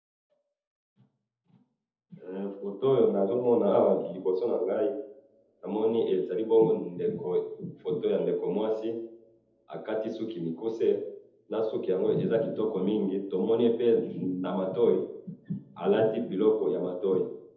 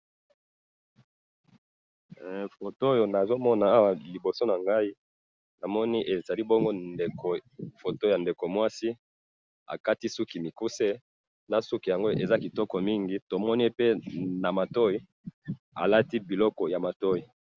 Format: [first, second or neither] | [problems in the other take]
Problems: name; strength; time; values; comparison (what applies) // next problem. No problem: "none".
second | room echo; dies away in 0.7 s